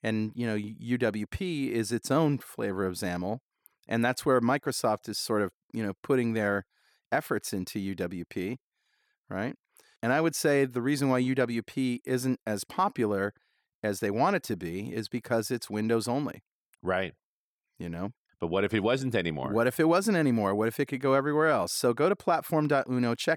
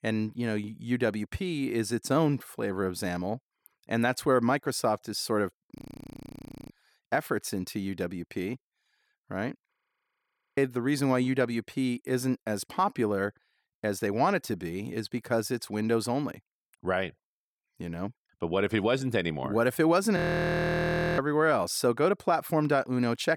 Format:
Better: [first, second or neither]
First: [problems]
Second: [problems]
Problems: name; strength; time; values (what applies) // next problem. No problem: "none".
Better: first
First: none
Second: audio freezing; at 6 s for 1 s, at 9.5 s for 1 s and at 20 s for 1 s